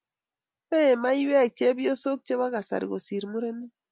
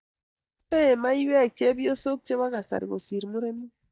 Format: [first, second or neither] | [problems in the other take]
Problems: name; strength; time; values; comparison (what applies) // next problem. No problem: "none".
first | noise reduction (neural mask model DeepFilterNet 3)